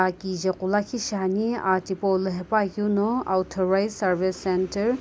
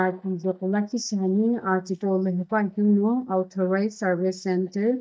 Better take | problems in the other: first | noise reduction (neural mask model DeepFilterNet 3)

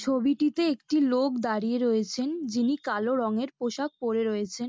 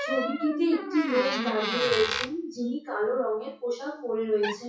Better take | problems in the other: first | noise reduction (classical method WPE with log-MMSE)

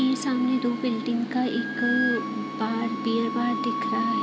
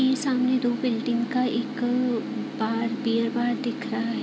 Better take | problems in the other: second | background sound (Wind instrument, woodwind instrument); 6 dB below the speech

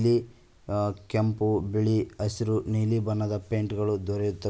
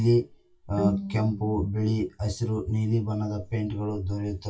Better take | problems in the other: first | noise reduction (classical method WPE with log-MMSE)

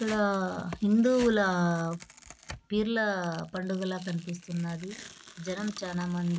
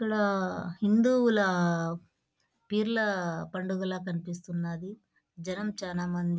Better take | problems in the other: second | background sound (Tearing); 18 dB below the speech

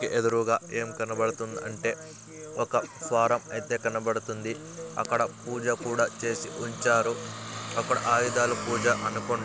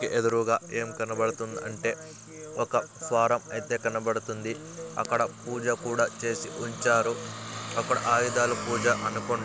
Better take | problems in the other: second | background sound (Cough); 20 dB below the speech

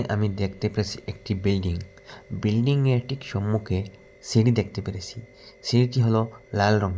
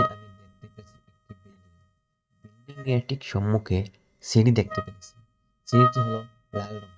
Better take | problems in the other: first | noise reduction (neural mask model RNNoise)

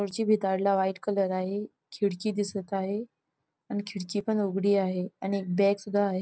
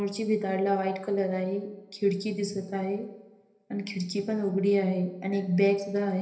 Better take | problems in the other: first | room echo; dies away in 1.4 s

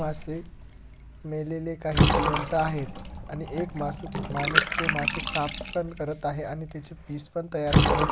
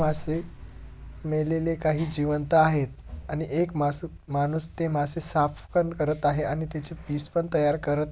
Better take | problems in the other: second | background sound (Bathtub (filling or washing) / Water); 3 dB above the speech

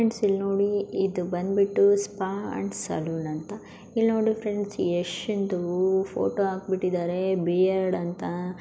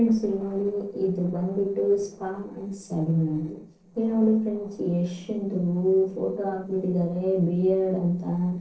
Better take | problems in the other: first | noise reduction (neural separator model SepFormer DNS4)

